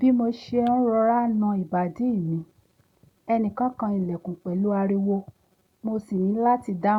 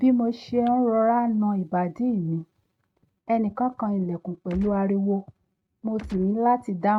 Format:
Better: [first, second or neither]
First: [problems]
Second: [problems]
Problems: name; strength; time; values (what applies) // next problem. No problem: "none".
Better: first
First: none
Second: noise reduction (neural mask model RNNoise)